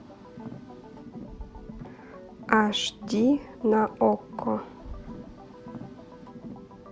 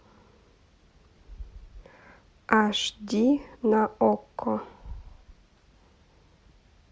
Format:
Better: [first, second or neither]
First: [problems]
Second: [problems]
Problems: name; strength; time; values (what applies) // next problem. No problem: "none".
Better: second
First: background sound (Car + Organ); 14 dB below the speech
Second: none